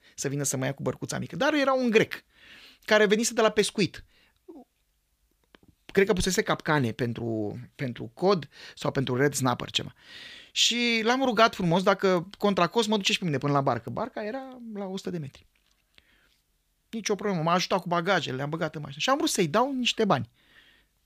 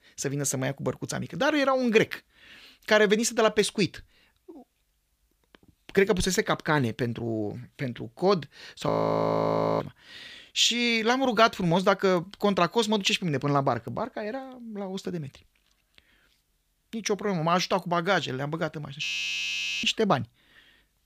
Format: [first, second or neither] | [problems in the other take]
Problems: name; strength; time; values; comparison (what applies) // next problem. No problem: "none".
first | audio freezing; at 9 s for 1 s and at 19 s for 1 s